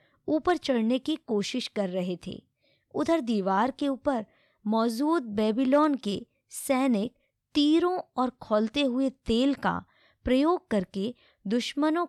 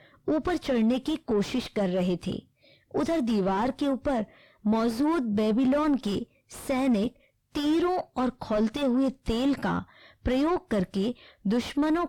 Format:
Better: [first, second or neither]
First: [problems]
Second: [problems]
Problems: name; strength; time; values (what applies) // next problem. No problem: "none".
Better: first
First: none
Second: distortion; heavy; 7 dB below the speech